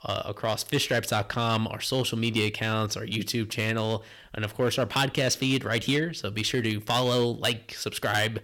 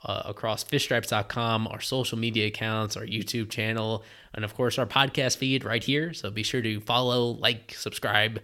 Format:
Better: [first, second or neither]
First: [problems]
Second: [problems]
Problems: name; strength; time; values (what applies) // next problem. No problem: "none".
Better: second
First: distortion; slight; 4% of the sound clipped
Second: none